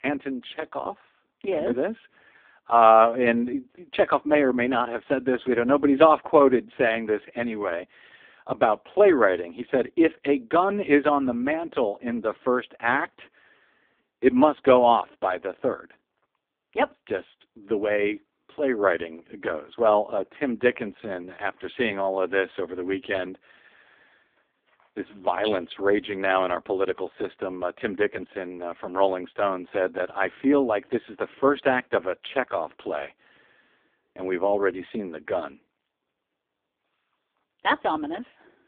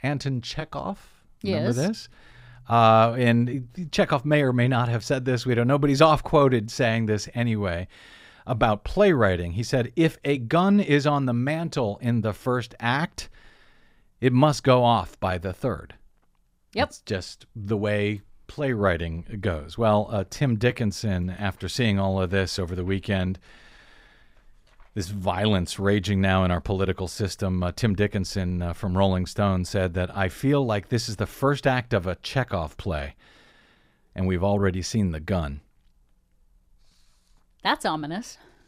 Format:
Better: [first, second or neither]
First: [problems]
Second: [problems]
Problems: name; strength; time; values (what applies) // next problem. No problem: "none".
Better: second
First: phone-call audio; poor line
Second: none